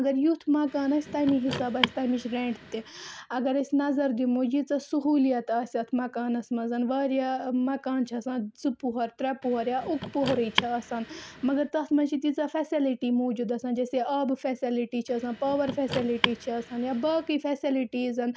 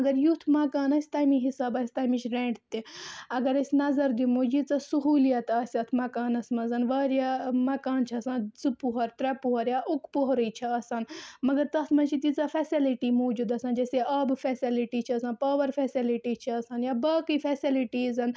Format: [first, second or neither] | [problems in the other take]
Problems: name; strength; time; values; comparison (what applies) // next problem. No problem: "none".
second | background sound (Car); 8 dB below the speech